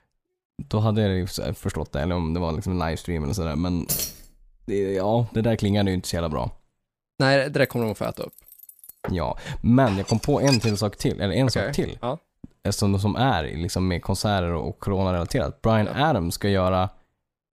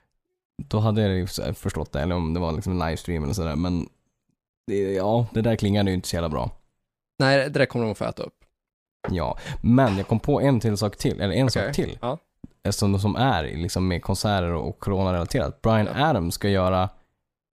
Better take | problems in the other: second | jangling keys; noticeable; at 4 s; peak 1 dB below the speech // jangling keys; faint; from 7.5 to 9 s; peak 20 dB below the speech // clattering dishes; noticeable; at 10 s; peak 3 dB below the speech

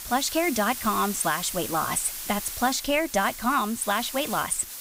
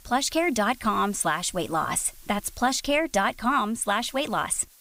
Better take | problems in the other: second | hiss; loud; throughout; 7 dB below the speech; faint in the second

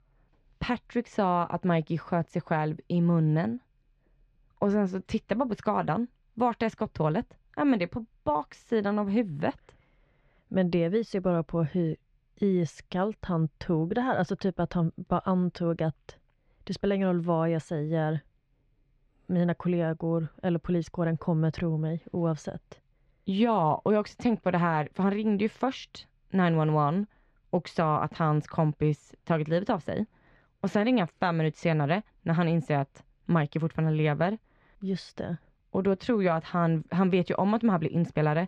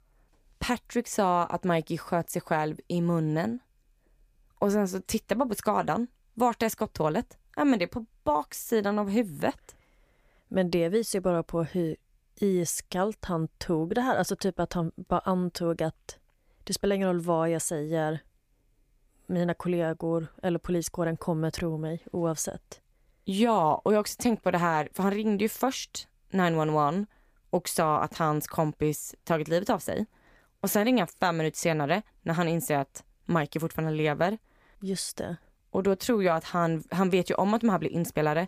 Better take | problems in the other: second | muffled; slightly; fading above 4 kHz

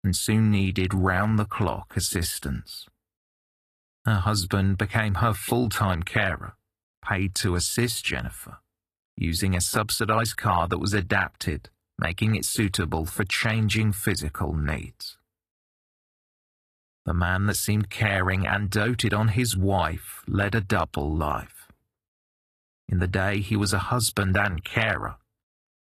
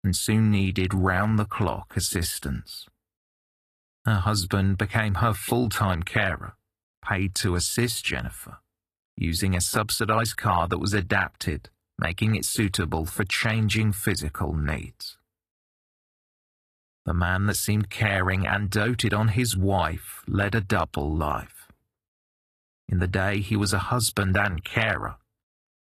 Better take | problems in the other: neither | garbled, watery; slightly; nothing above 14.5 kHz; the same in both

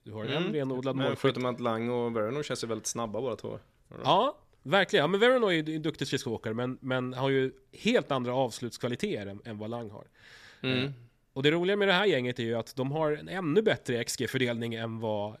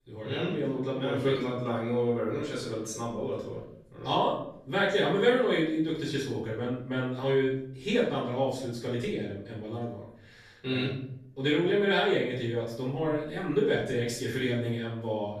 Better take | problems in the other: first | room echo; noticeable; dies away in 0.6 s // off-mic speech; far

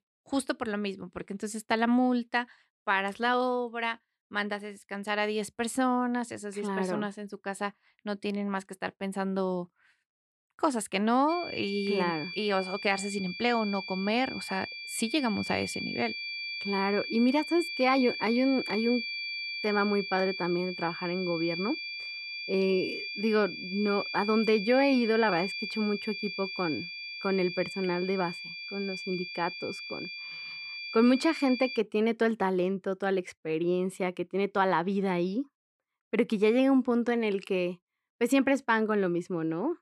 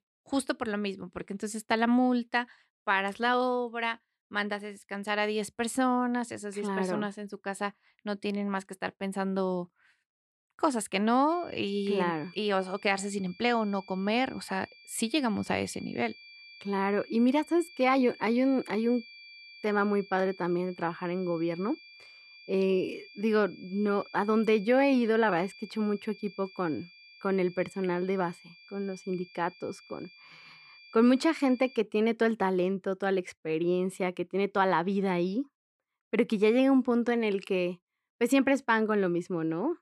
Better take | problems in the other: second | high-pitched whine; loud; from 11 to 32 s; 2.5 kHz, 7 dB below the speech; faint in the second

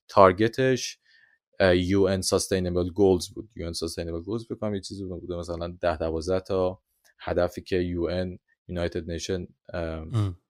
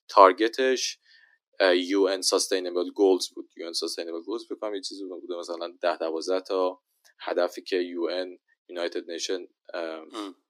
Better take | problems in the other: first | thin; somewhat; fading below 250 Hz

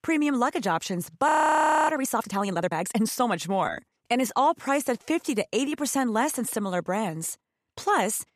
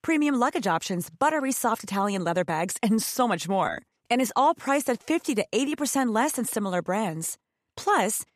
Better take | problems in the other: second | audio freezing; at 1.5 s for 0.5 s

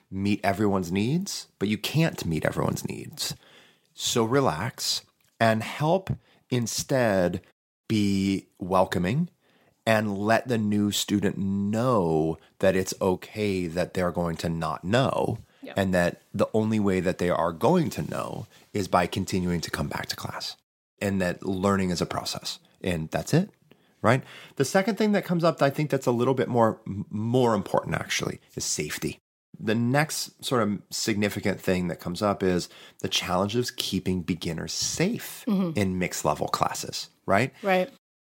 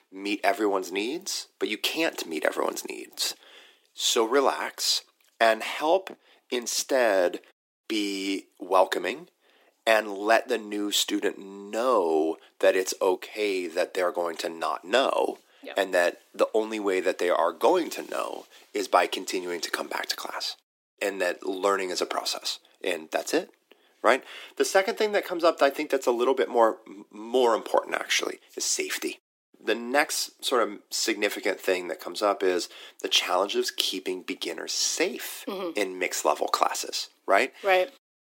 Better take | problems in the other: first | thin; somewhat; fading below 300 Hz

